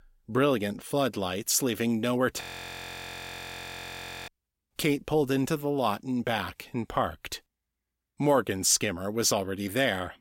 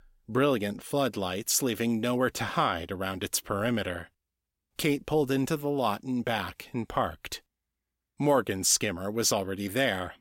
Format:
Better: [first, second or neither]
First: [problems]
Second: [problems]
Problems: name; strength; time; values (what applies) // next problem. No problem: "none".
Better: second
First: audio freezing; at 2.5 s for 2 s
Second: none